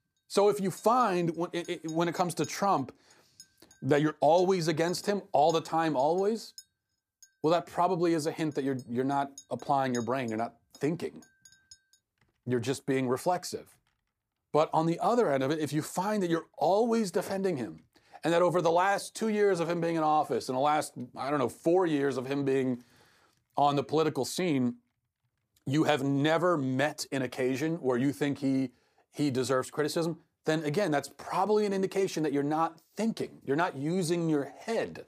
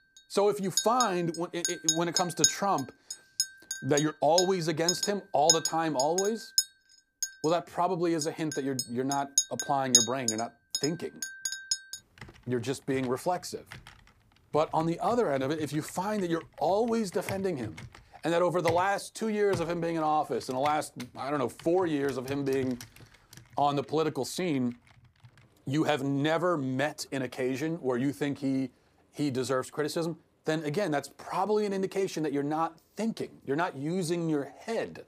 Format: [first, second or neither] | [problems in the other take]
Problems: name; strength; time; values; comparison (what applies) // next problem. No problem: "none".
first | household noises; loud; throughout; 1 dB below the speech; faint in the first